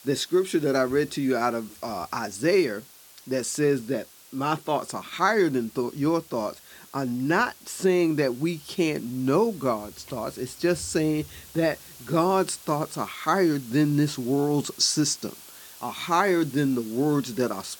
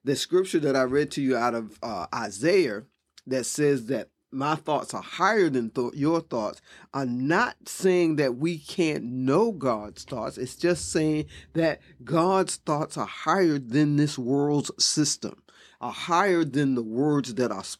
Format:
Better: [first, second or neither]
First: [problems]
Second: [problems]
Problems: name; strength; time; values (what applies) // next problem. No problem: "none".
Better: second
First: hiss; noticeable; throughout; 20 dB below the speech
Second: none